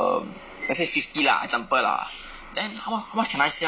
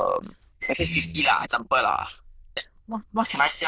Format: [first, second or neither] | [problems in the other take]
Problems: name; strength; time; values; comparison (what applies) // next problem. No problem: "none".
first | noise reduction (neural diffusion model UNIVERSE++)